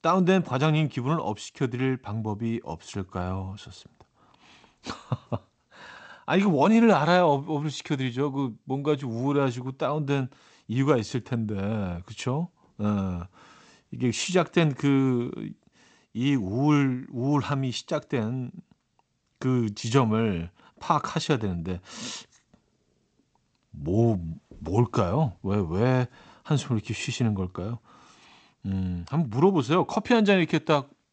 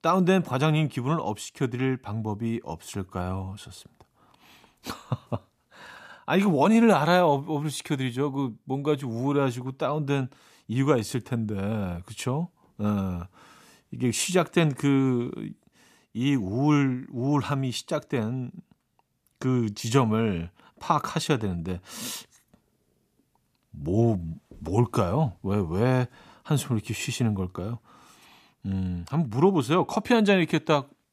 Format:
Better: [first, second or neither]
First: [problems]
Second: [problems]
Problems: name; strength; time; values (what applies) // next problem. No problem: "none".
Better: second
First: garbled, watery; slightly; nothing above 8 kHz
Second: none